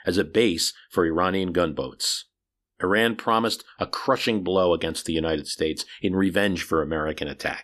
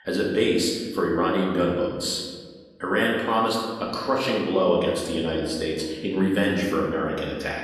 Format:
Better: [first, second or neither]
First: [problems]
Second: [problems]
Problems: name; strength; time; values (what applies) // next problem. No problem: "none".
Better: first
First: none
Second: room echo; noticeable; dies away in 1.4 s // off-mic speech; far